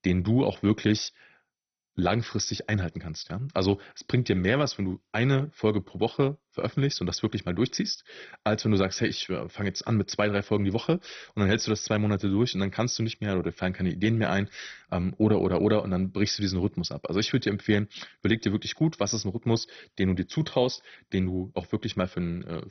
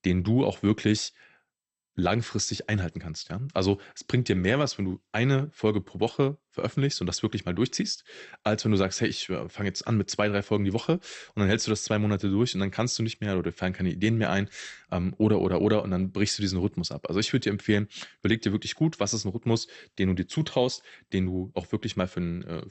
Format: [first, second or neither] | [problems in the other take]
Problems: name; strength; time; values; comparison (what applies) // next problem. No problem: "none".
second | garbled, watery; badly; nothing above 6 kHz; slightly in the second